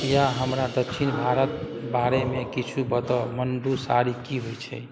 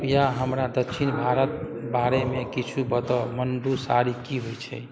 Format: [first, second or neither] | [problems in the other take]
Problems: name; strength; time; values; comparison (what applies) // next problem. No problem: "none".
second | background sound (Crash cymbal); 19 dB below the speech